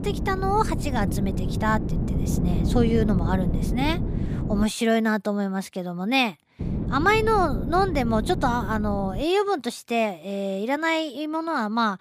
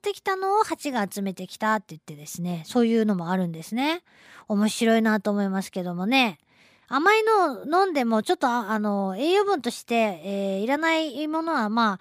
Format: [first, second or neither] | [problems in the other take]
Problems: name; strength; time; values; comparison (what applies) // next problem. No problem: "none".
second | wind noise on the microphone; occasional gusts; until 4.5 s and from 6.5 to 9 s; 10 dB below the speech